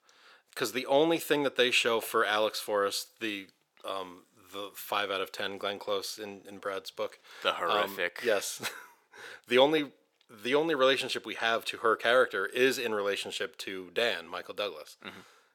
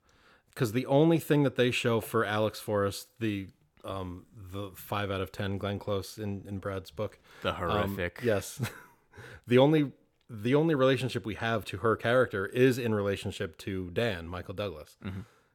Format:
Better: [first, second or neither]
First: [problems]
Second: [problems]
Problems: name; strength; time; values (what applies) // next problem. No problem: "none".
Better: second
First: thin; somewhat; fading below 450 Hz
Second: none